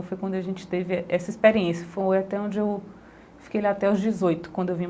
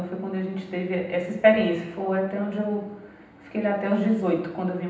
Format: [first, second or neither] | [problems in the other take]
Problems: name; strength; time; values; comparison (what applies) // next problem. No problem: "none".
first | room echo; dies away in 0.9 s